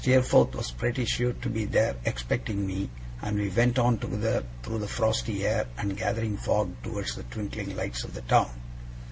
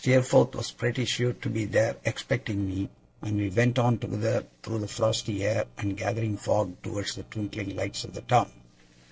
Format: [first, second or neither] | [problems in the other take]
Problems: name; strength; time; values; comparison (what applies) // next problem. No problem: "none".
first | noise reduction (neural separator model SepFormer DNS4)